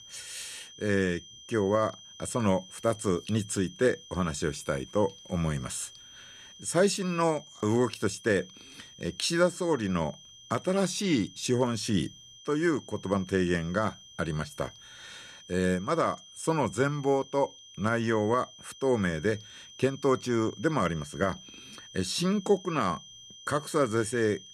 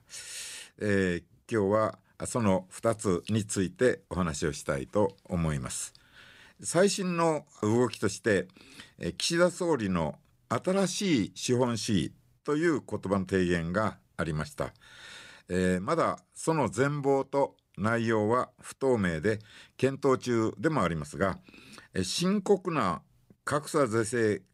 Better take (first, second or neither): second